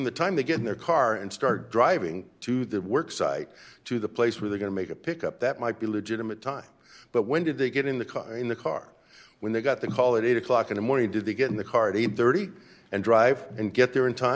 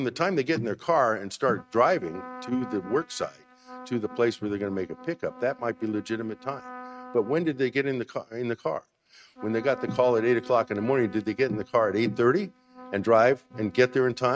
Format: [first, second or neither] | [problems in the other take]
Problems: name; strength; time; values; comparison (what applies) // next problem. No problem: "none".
first | noise reduction (neural mask model RNNoise)